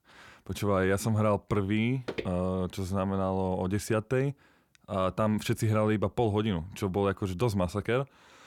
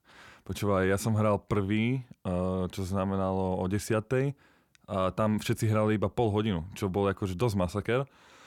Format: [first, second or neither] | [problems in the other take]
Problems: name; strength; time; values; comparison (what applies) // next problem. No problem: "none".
second | footsteps; noticeable; at 2 s; peak 9 dB below the speech